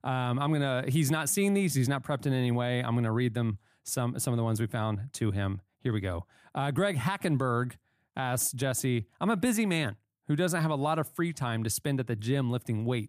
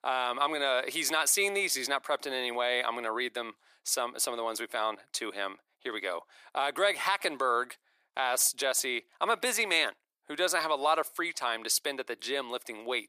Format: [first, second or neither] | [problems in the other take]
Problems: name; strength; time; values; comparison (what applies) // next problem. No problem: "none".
first | thin; very; fading below 400 Hz